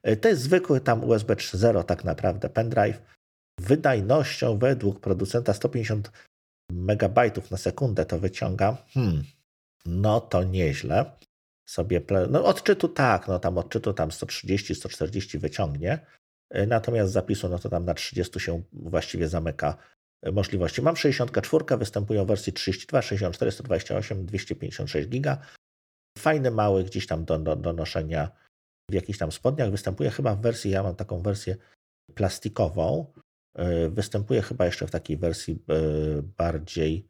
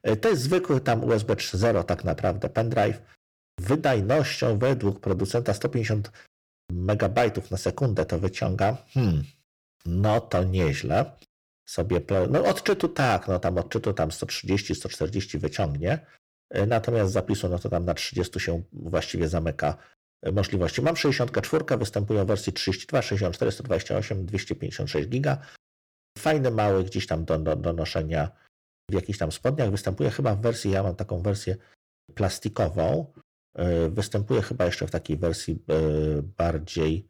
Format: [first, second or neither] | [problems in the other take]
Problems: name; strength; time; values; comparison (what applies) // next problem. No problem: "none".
first | distortion; slight; 5% of the sound clipped